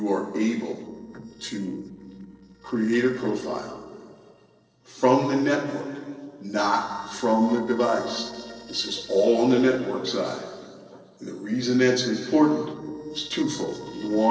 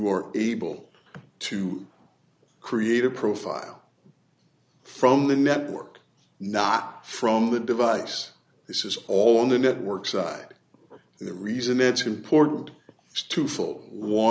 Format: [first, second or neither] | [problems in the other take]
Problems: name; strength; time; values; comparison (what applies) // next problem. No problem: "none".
second | noise reduction (neural separator model SepFormer DNS4)